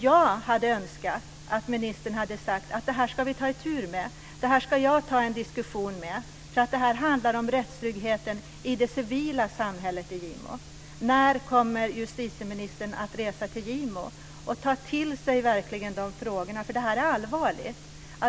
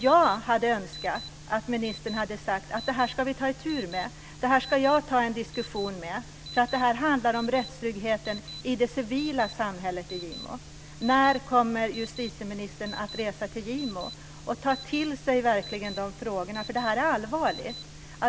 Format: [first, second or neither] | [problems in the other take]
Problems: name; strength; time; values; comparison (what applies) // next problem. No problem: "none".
first | background sound (Alarm); 18 dB below the speech